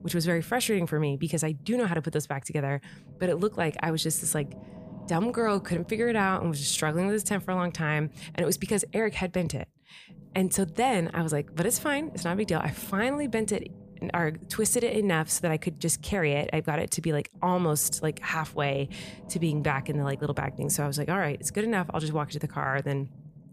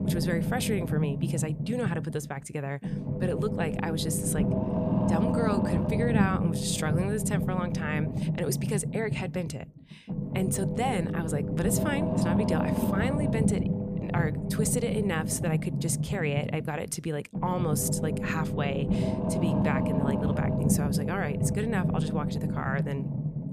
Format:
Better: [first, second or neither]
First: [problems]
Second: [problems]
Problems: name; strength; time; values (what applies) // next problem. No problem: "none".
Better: first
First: low rumble; faint; throughout; 25 dB below the speech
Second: low rumble; loud; throughout; 2 dB below the speech